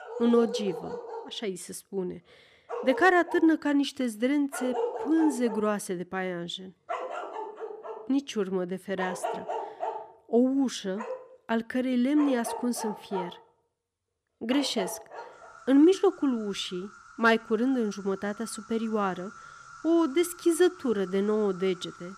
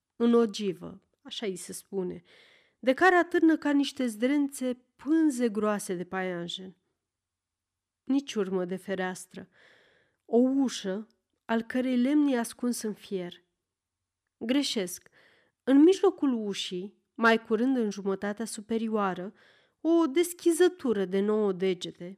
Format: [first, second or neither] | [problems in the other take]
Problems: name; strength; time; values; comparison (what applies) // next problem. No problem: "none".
second | animal sounds; noticeable; throughout; 10 dB below the speech